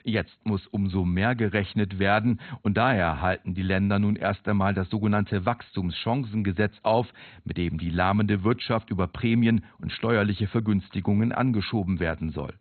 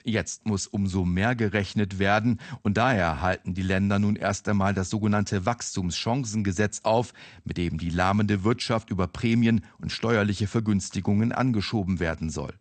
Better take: second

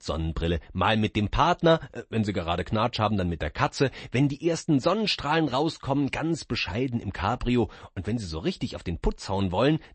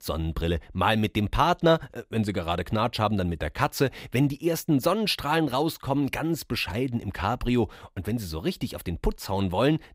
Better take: second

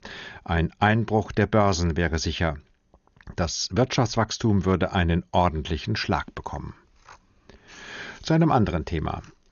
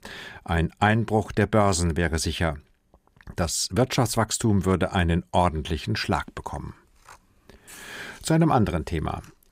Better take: second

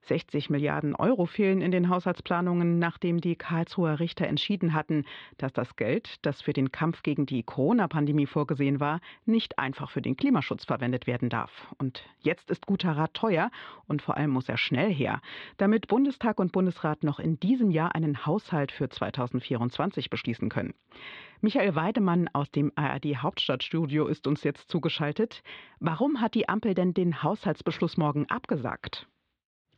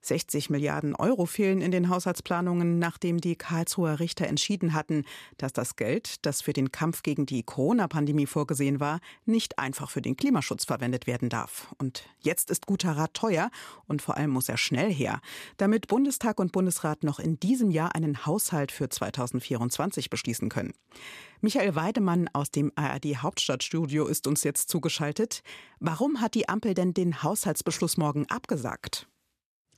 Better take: second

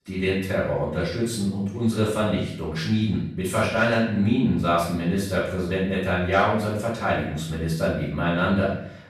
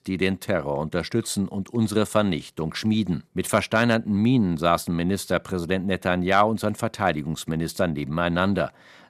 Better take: second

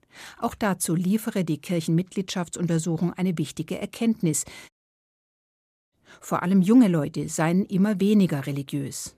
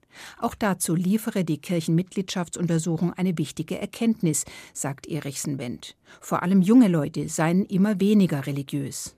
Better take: second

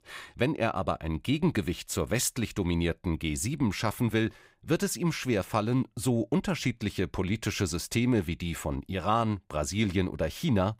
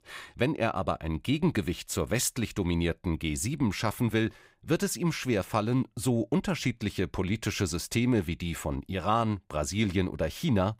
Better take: neither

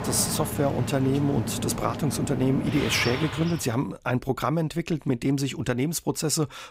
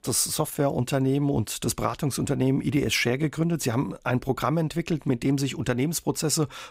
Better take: second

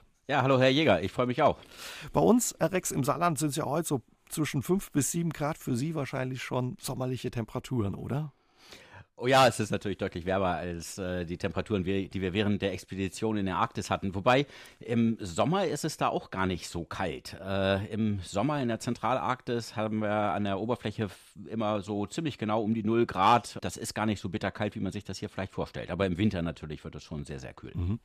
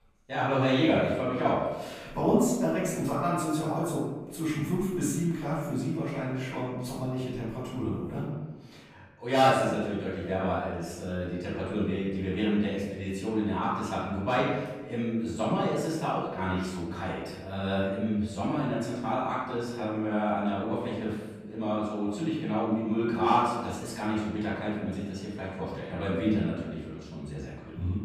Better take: first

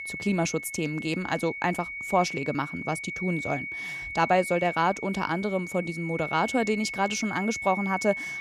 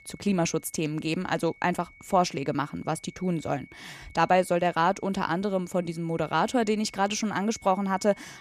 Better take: second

